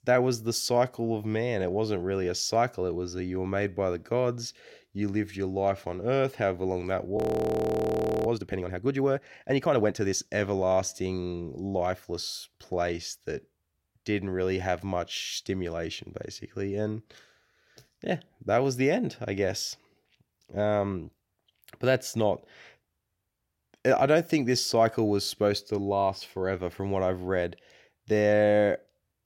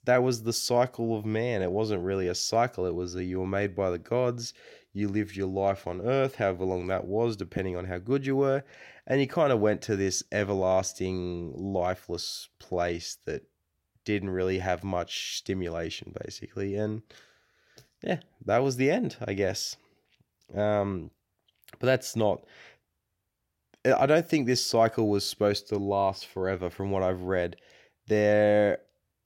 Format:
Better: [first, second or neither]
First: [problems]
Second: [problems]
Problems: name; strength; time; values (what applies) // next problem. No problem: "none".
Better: second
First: audio freezing; at 7 s for 1 s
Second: none